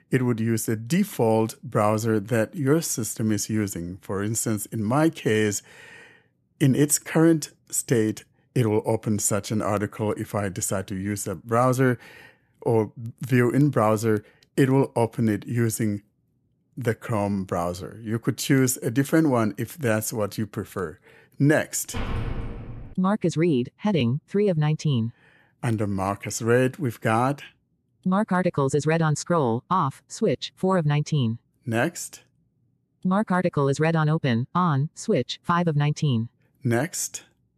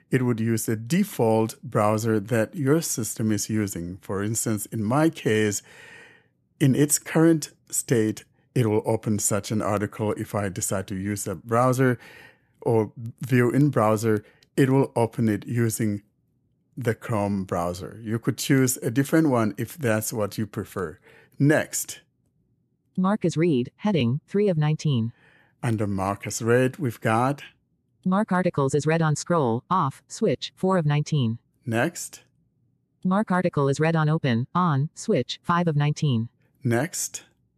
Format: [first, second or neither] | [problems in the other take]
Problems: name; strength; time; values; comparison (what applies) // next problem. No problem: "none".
second | door banging; noticeable; at 22 s; peak 6 dB below the speech